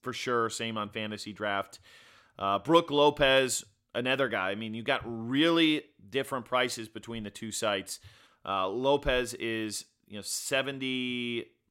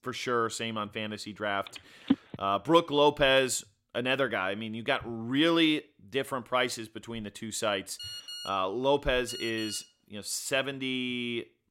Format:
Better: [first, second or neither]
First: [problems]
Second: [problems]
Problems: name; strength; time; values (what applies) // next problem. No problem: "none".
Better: first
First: none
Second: phone ringing; noticeable; at 2 s and from 8 to 10 s; peak 2 dB below the speech